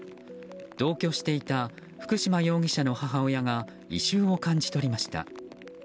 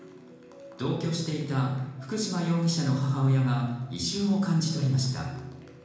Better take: first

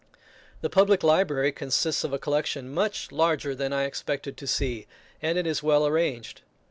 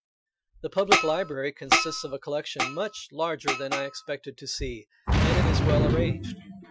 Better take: first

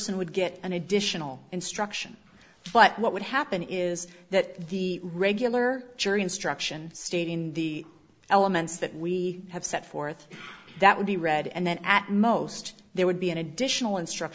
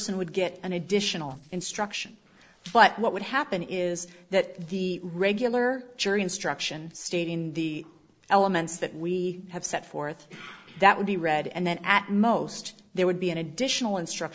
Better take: first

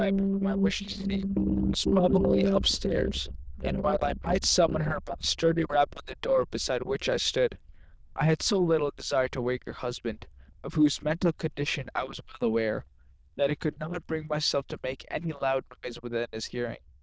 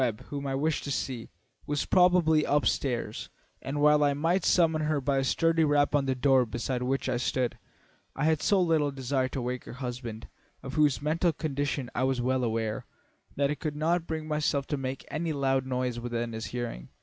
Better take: second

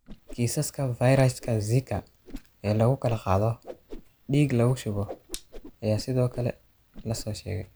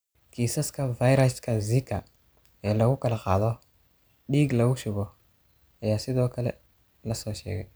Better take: second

